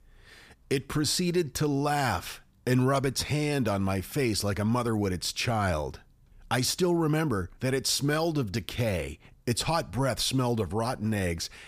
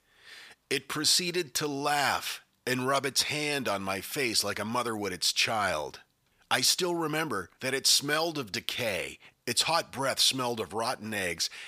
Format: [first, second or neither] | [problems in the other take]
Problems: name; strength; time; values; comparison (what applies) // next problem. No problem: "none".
first | thin; somewhat; fading below 750 Hz